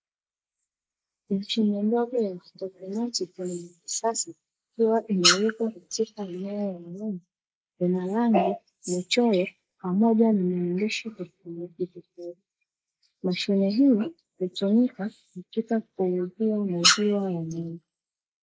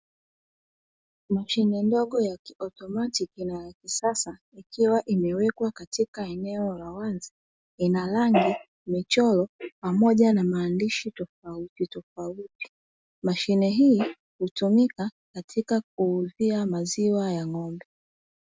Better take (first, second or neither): second